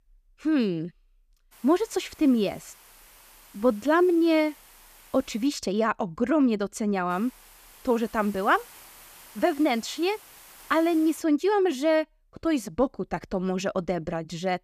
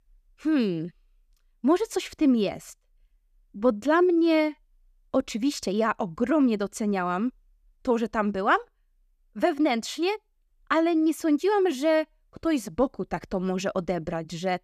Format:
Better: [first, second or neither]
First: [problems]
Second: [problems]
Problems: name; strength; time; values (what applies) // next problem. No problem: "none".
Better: second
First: hiss; faint; from 1.5 to 5.5 s and from 7 to 11 s; 25 dB below the speech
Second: none